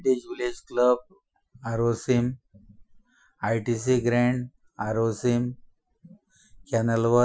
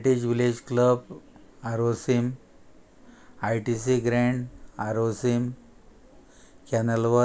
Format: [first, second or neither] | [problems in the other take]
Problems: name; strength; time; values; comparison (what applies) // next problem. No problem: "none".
second | noise reduction (classical method Wiener filter)